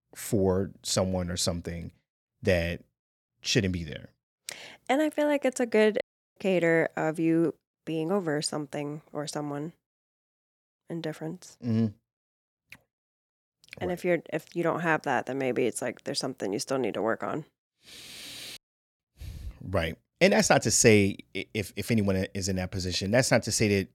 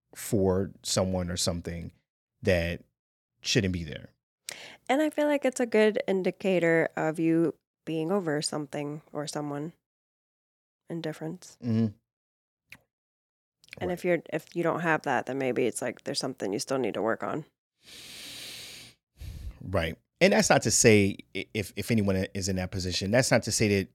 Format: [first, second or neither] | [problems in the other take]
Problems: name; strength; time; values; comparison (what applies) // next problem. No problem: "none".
second | audio cutting out; at 6 s and at 19 s